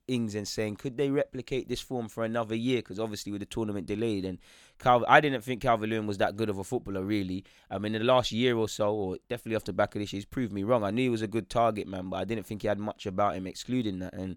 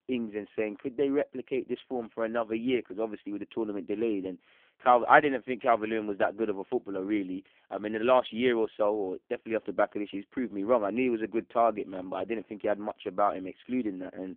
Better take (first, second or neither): first